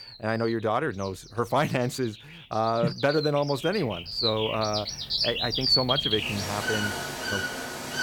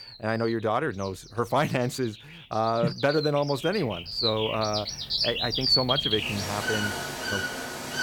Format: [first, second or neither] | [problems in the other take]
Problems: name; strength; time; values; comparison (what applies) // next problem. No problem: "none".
neither | animal sounds; very loud; throughout; 1 dB above the speech; the same in both